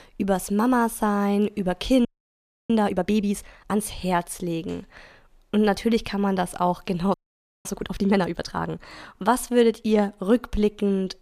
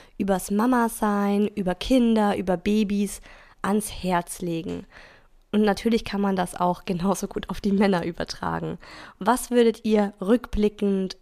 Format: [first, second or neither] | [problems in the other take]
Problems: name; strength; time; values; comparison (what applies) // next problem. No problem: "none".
second | audio freezing; at 2 s for 0.5 s and at 7 s for 0.5 s